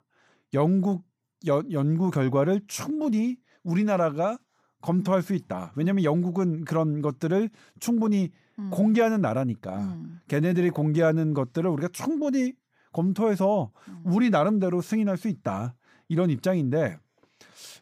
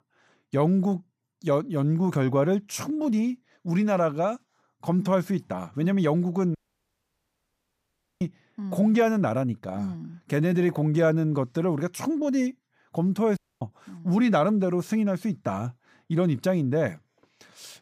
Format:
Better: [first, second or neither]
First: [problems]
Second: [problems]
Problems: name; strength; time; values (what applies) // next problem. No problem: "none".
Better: first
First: none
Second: audio cutting out; at 6.5 s for 1.5 s and at 13 s